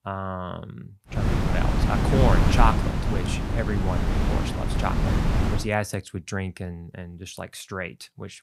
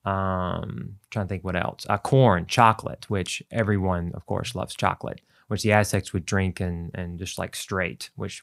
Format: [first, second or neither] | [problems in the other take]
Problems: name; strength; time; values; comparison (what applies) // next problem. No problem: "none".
second | wind noise on the microphone; heavy; from 1 to 5.5 s; 1 dB below the speech